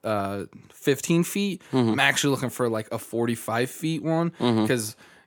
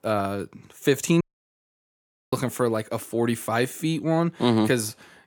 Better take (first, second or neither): first